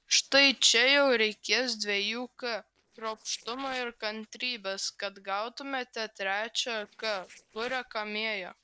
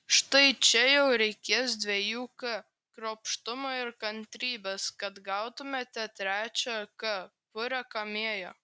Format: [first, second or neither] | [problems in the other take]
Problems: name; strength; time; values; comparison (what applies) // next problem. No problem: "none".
second | noise reduction (neural separator model SepFormer DNS4)